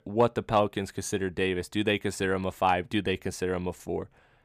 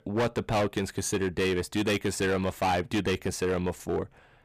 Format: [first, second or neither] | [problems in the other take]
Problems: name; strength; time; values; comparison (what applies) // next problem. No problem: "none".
first | distortion; heavy; 14% of the sound clipped